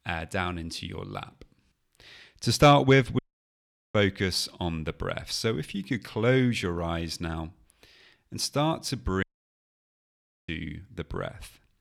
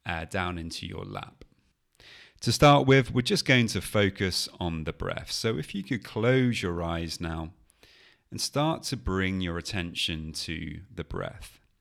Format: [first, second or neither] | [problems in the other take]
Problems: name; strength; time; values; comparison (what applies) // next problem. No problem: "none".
second | audio cutting out; at 3 s for 1 s and at 9 s for 1.5 s